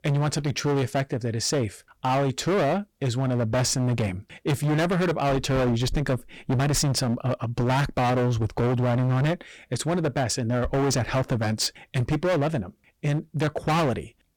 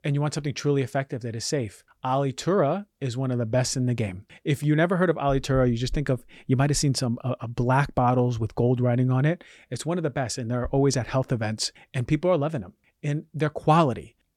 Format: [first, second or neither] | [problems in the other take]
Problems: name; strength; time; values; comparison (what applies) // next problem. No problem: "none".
second | distortion; heavy; 23% of the sound clipped